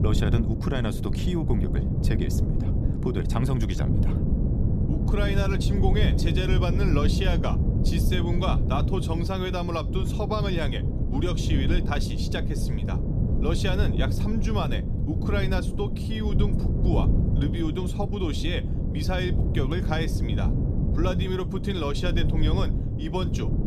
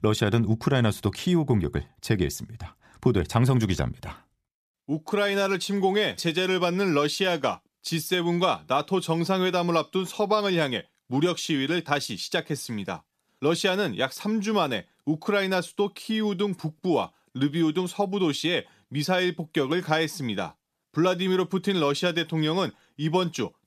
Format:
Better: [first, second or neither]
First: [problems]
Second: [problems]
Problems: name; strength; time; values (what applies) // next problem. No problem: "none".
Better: second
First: wind noise on the microphone; heavy; 5 dB below the speech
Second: none